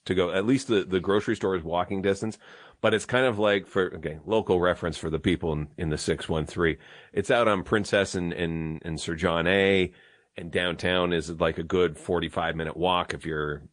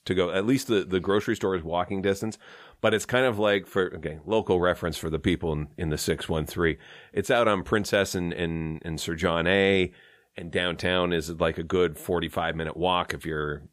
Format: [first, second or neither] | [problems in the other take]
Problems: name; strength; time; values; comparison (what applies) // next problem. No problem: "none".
second | garbled, watery; slightly; nothing above 8 kHz